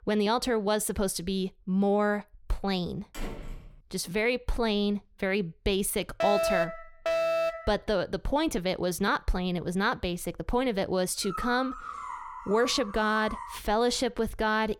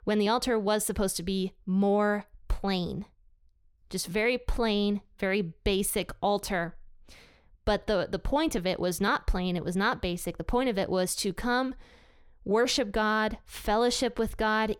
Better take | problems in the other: second | door banging; faint; at 3 s; peak 10 dB below the speech // alarm; loud; from 6 to 7.5 s; peak 2 dB above the speech // dog barking; noticeable; from 11 to 14 s; peak 7 dB below the speech

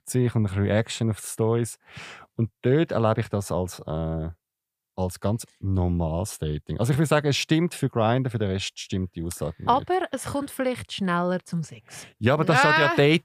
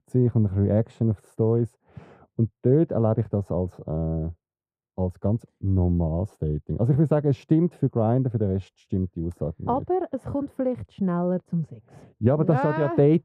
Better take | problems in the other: first | muffled; very; fading above 1 kHz

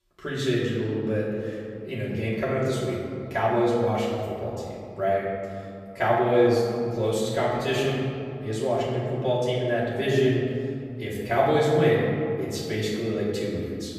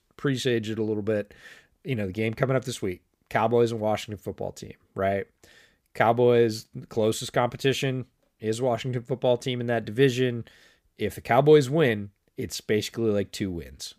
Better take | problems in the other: second | off-mic speech; far // room echo; noticeable; dies away in 2.3 s

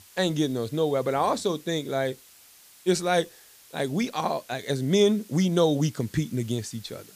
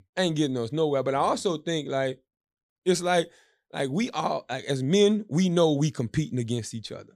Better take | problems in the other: second | hiss; faint; throughout; 25 dB below the speech

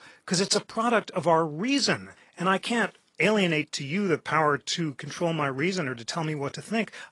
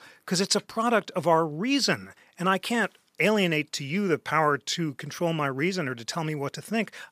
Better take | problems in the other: second | garbled, watery; slightly

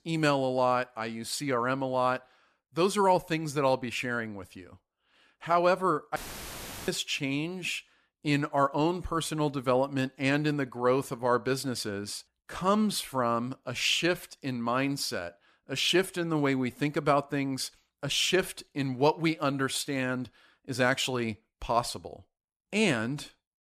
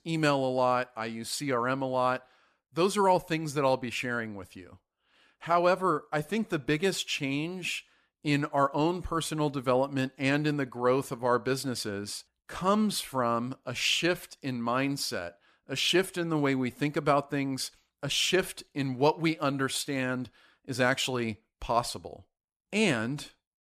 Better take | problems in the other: second | audio cutting out; filled with static; at 6 s for 0.5 s

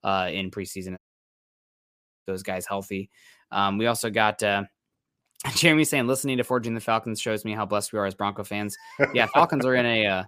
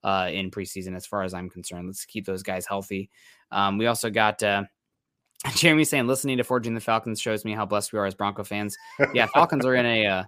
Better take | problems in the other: second | audio cutting out; at 1 s for 1.5 s

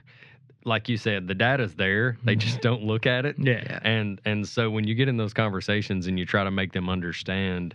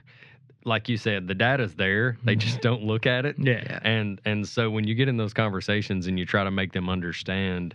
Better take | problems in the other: neither | muffled; slightly; fading above 2.5 kHz; the same in both

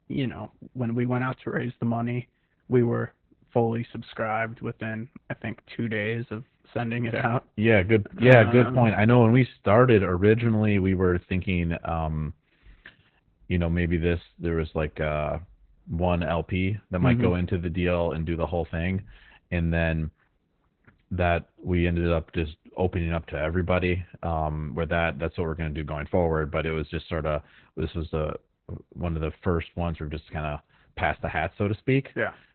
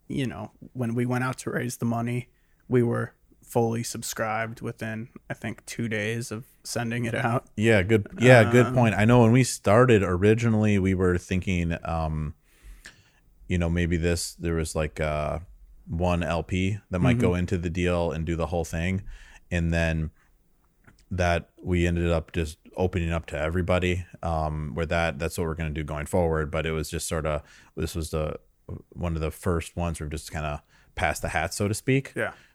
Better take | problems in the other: second | garbled, watery; badly

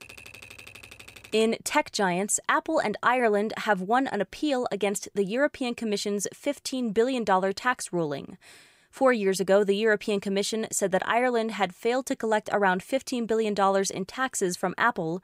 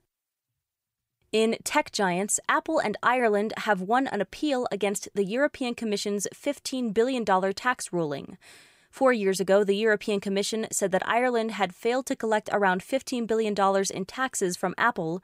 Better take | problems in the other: second | keyboard typing; faint; until 1.5 s; peak 15 dB below the speech

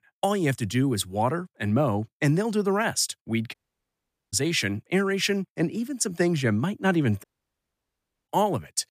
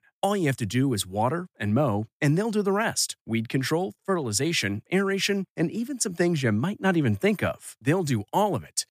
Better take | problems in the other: second | audio cutting out; at 3.5 s for 1 s and at 7 s for 1 s

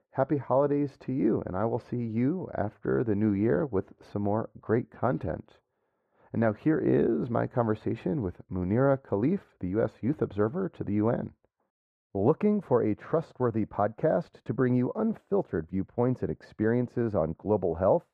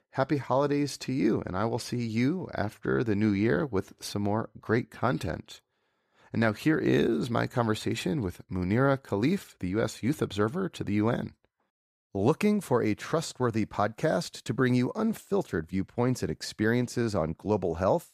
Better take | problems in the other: second | muffled; very; fading above 3 kHz

